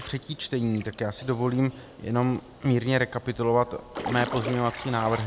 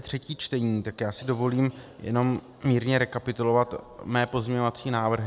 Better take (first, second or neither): second